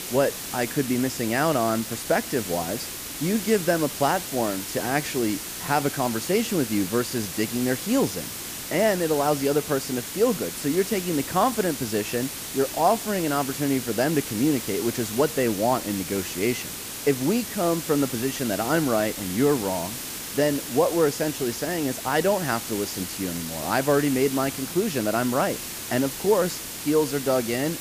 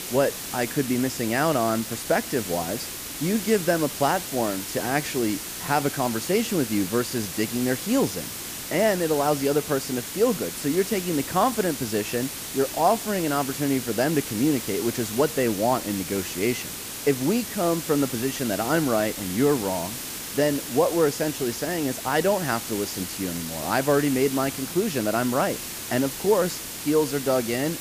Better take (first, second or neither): neither